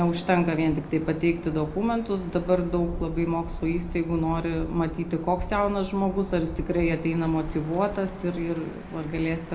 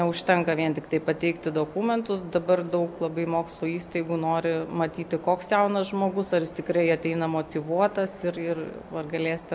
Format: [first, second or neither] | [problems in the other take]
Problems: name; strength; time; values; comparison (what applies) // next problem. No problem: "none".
second | background sound (Bird); 11 dB below the speech // room echo; dies away in 0.4 s